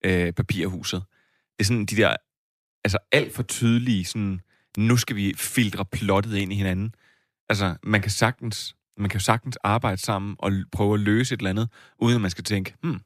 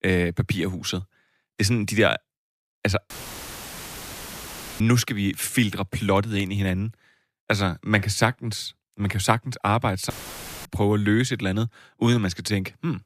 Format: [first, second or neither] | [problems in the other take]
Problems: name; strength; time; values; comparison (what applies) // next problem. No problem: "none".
first | audio cutting out; filled with static; at 3 s for 1.5 s and at 10 s for 0.5 s